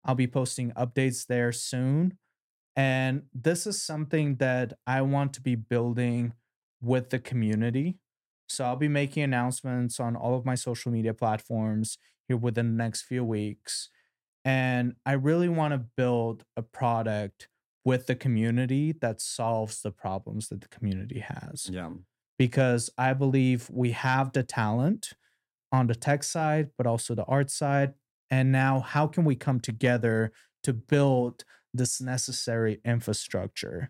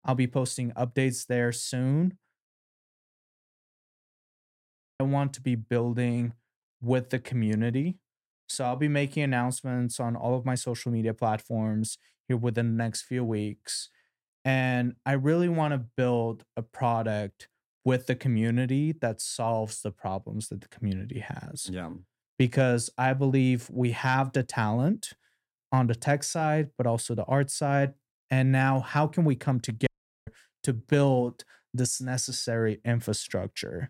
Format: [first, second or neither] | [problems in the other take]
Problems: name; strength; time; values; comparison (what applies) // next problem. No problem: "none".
first | audio cutting out; at 2.5 s for 2.5 s and at 30 s